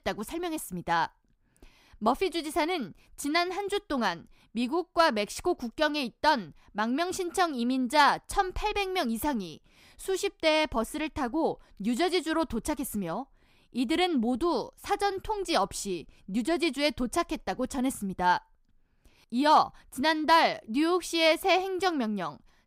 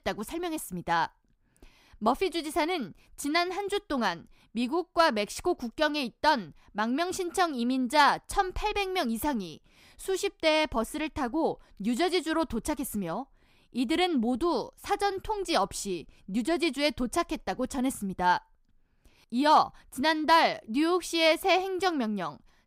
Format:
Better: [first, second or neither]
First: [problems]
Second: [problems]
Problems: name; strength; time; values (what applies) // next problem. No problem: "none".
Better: neither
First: none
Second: none